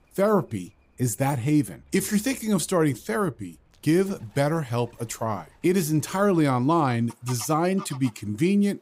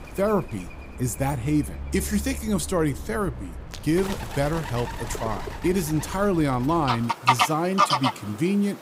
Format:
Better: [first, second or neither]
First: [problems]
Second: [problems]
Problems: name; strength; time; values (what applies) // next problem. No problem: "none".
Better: first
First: animal sounds; faint; throughout; 25 dB below the speech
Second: animal sounds; loud; throughout; 3 dB below the speech